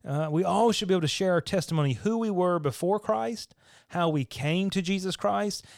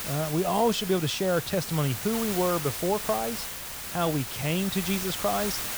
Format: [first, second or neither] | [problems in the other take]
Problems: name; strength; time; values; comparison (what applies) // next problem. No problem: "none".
first | hiss; loud; throughout; 5 dB below the speech